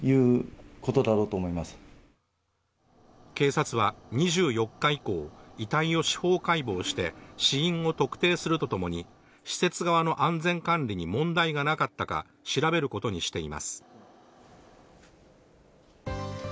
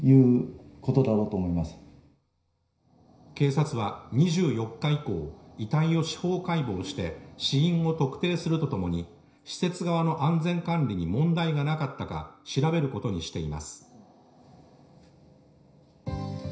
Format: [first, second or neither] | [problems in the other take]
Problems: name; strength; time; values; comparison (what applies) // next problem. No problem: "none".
first | room echo; dies away in 0.5 s